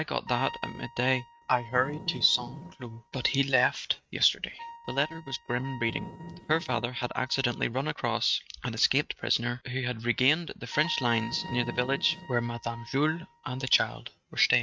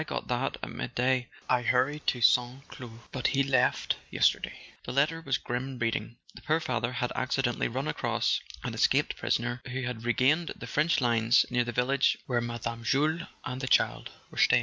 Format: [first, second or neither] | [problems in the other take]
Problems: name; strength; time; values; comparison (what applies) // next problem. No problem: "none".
second | noise reduction (neural mask model RNNoise)